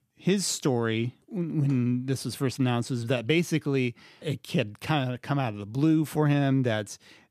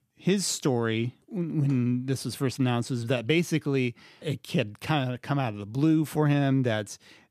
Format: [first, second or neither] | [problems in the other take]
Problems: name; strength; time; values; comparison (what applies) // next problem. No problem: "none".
neither | none